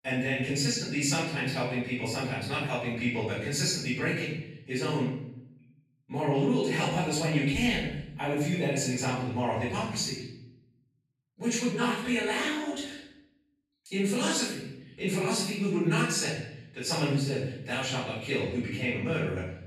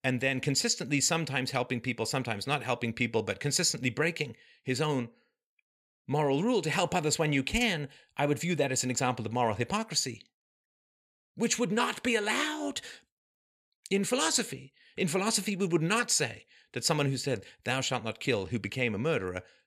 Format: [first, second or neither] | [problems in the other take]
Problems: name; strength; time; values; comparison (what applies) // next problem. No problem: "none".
second | off-mic speech; far // room echo; noticeable; dies away in 0.8 s